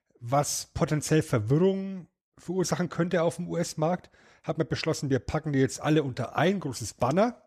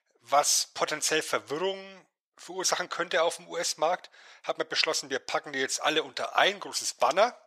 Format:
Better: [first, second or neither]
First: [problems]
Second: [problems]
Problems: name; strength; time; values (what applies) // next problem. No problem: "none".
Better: first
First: none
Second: thin; very; fading below 750 Hz